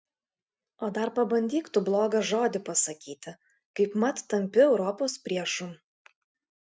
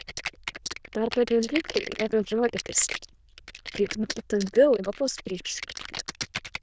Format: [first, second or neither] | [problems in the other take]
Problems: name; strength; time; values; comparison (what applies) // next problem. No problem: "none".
first | noise reduction (neural diffusion model UNIVERSE++)